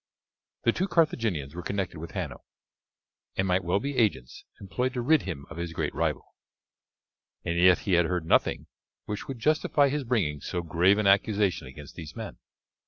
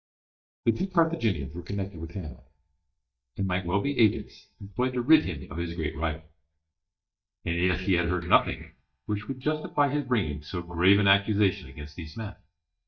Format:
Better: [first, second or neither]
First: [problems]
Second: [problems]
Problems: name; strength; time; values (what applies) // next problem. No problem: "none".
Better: first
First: none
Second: noise reduction (neural mask model DeepFilterNet 3)